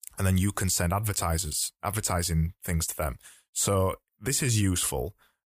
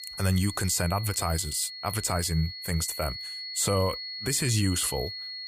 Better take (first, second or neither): first